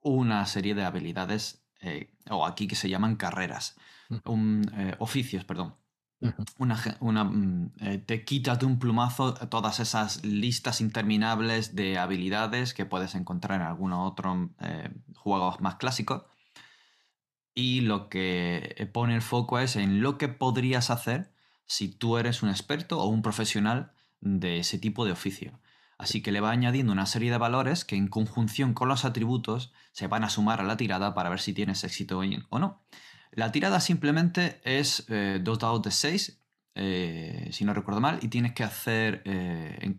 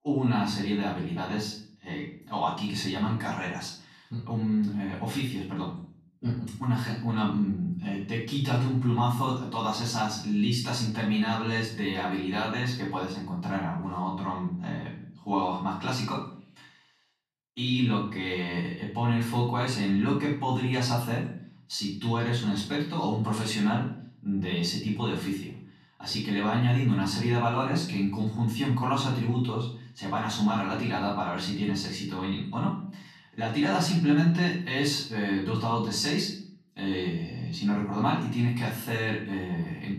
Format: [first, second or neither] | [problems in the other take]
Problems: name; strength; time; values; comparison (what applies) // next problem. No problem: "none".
first | off-mic speech; far // room echo; noticeable; dies away in 0.5 s